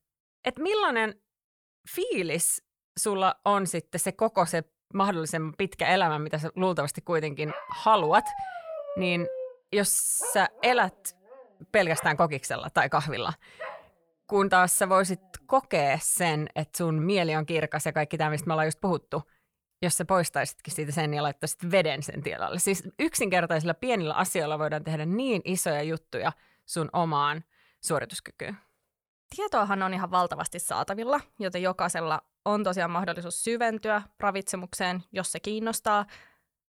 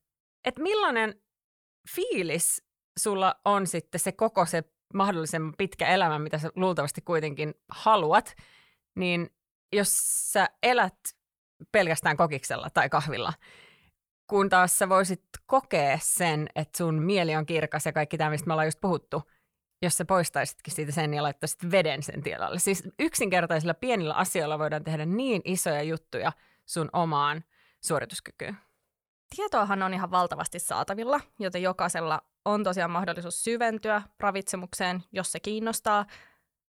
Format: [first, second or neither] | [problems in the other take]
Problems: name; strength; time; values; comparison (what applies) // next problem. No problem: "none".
second | dog barking; noticeable; from 7.5 to 15 s; peak 7 dB below the speech